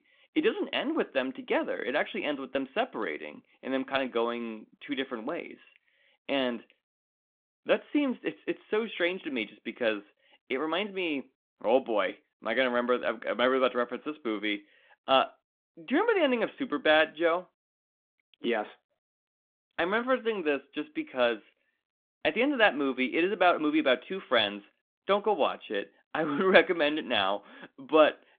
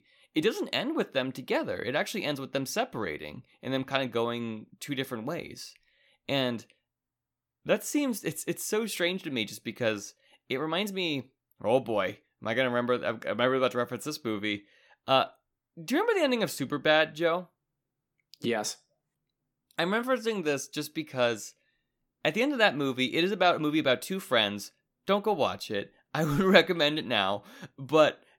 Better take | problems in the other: second | phone-call audio; nothing above 3.5 kHz

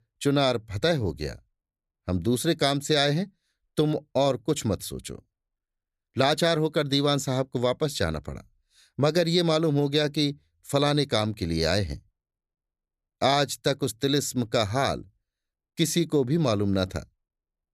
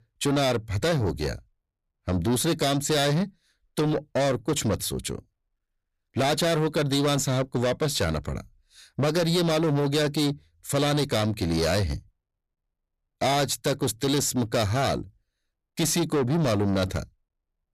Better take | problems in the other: first | distortion; heavy; 7 dB below the speech

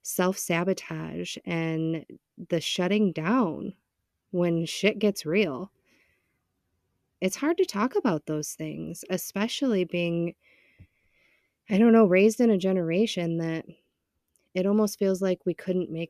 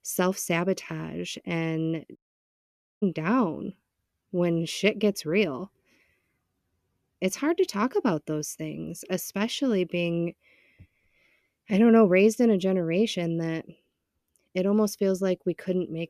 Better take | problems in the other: first | audio cutting out; at 2 s for 1 s

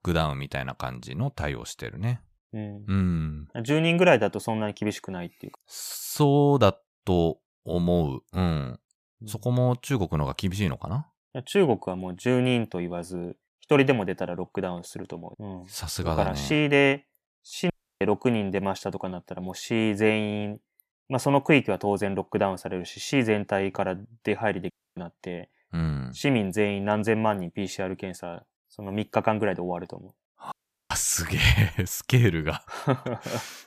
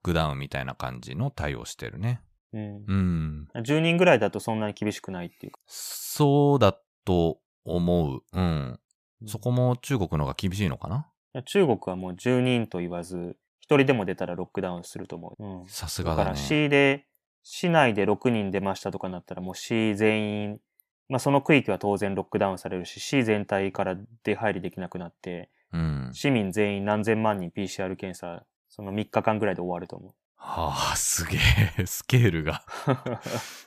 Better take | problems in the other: second | audio cutting out; at 18 s, at 25 s and at 31 s

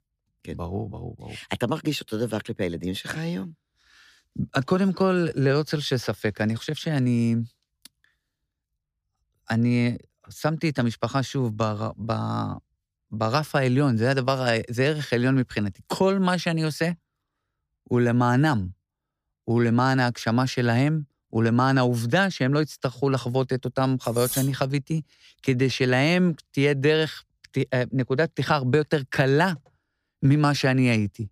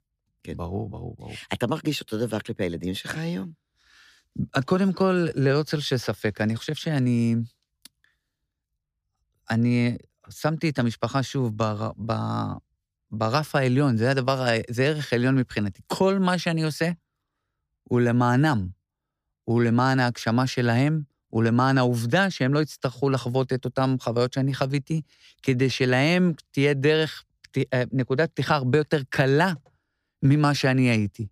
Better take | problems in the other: second | clattering dishes; noticeable; at 24 s; peak 5 dB below the speech

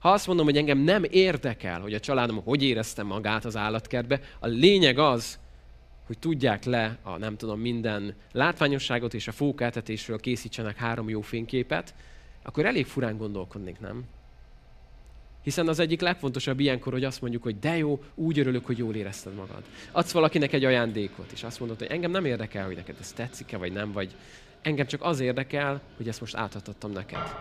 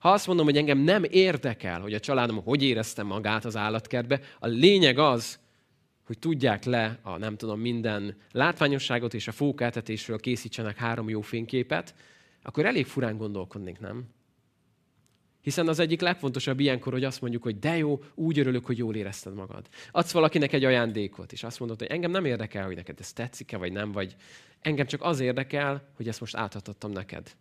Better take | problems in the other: second | machinery noise; faint; throughout; 25 dB below the speech

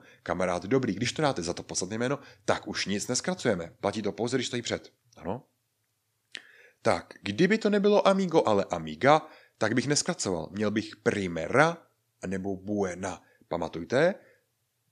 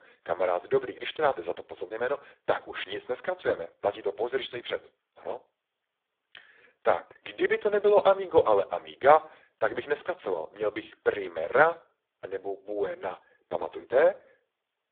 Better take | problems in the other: first | phone-call audio; poor line

